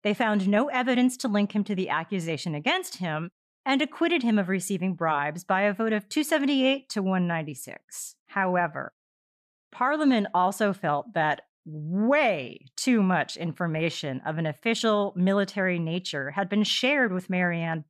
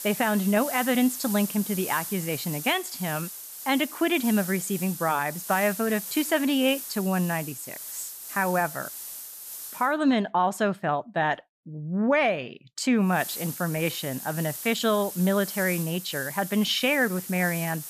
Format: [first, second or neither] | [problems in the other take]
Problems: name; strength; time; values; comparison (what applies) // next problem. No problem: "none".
first | hiss; loud; until 10 s and from 13 s on; 9 dB below the speech